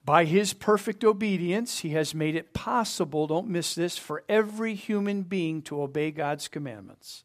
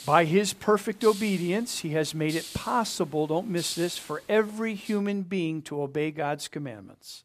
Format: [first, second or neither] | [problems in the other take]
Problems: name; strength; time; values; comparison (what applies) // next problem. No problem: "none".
first | hiss; noticeable; until 5 s; 15 dB below the speech